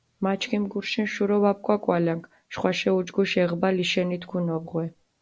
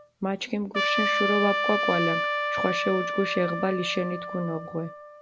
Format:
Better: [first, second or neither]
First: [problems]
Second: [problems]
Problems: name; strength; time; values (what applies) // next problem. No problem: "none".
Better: first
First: none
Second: background sound (Trumpet); 1 dB below the speech